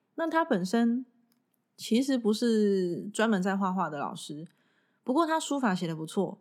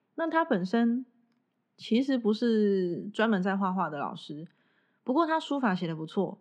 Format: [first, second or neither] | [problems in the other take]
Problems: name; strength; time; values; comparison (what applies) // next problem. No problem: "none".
first | muffled; very slightly; fading above 3 kHz